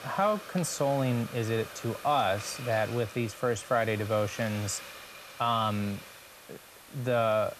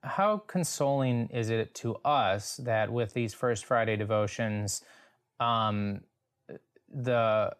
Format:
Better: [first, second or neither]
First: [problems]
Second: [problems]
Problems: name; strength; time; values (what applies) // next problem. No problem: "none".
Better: second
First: hiss; noticeable; throughout; 15 dB below the speech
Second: none